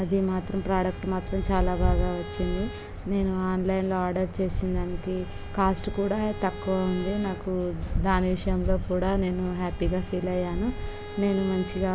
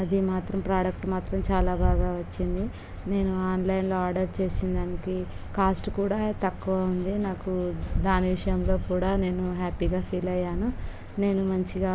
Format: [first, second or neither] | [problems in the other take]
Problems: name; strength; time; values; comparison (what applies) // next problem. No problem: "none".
second | background sound (Bowed string instrument); 18 dB below the speech